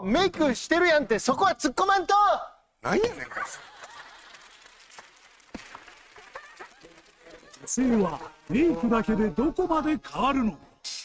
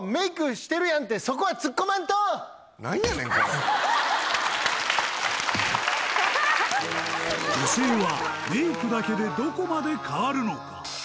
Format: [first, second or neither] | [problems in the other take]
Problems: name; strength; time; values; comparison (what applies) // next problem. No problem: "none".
second | noise reduction (neural mask model RNNoise)